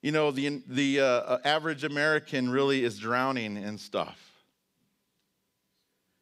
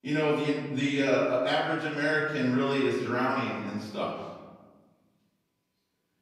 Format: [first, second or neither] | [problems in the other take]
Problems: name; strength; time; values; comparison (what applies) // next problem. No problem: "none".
first | off-mic speech; far // room echo; noticeable; dies away in 1.3 s